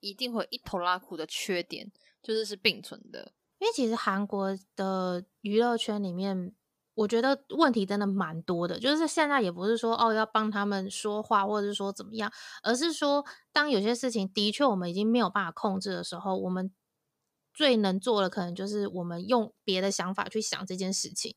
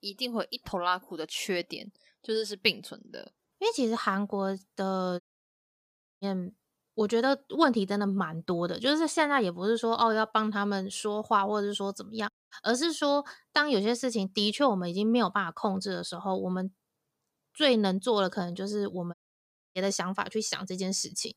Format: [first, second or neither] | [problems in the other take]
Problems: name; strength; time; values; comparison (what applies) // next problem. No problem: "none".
first | audio cutting out; at 5 s for 1 s, at 12 s and at 19 s for 0.5 s